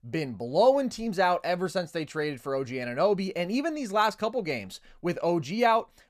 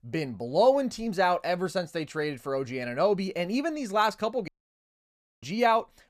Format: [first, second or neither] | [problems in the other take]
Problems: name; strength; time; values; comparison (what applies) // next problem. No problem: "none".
first | audio cutting out; at 4.5 s for 1 s